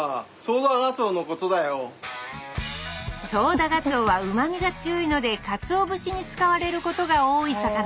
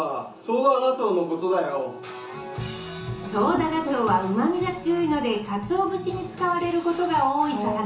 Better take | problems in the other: first | background sound (Wind instrument, woodwind instrument); 20 dB below the speech // room echo; dies away in 0.8 s

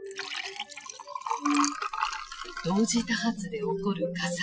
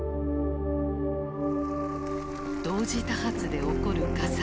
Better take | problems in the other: second | noise reduction (classical method Wiener filter)

